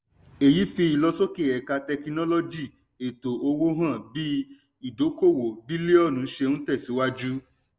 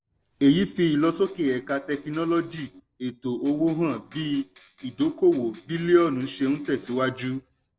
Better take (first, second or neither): first